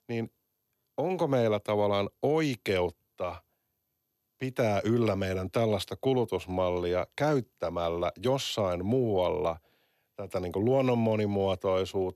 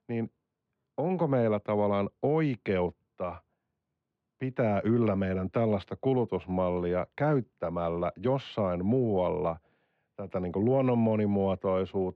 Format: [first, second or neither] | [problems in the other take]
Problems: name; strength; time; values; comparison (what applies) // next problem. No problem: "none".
first | muffled; very; fading above 2 kHz